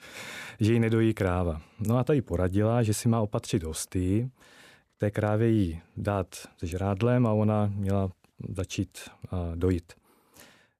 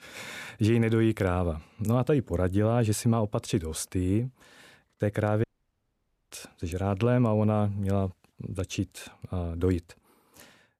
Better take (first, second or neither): first